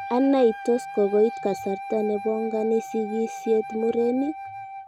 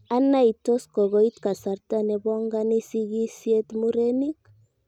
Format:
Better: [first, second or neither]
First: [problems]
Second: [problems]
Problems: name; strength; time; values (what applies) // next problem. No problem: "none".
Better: second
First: background sound (Wind instrument, woodwind instrument); 11 dB below the speech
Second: none